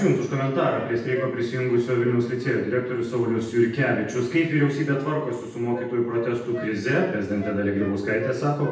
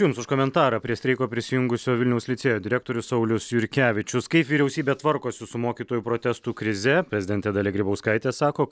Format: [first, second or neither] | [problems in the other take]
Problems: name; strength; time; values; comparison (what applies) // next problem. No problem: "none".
second | background sound (Wind instrument, woodwind instrument); 16 dB below the speech // room echo; dies away in 0.8 s